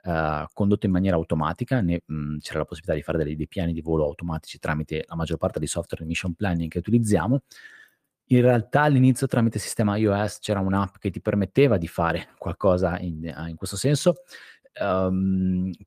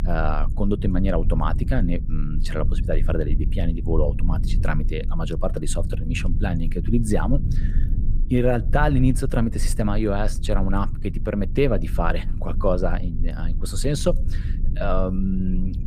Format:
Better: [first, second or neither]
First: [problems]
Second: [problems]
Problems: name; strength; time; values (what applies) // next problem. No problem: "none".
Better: first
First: none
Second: low rumble; noticeable; throughout; 15 dB below the speech